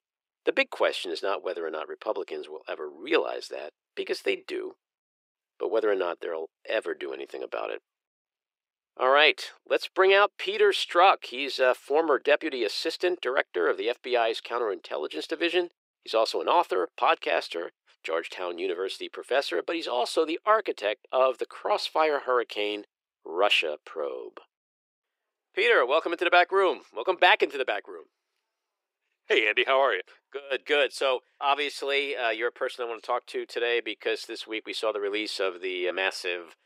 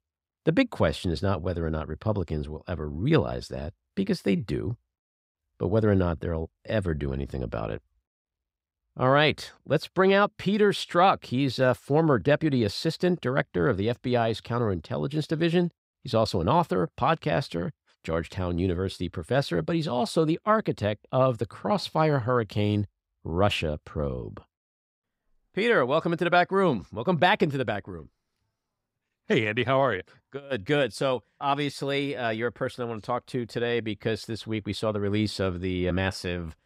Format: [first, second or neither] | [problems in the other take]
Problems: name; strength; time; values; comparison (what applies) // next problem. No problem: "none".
second | thin; very; fading below 350 Hz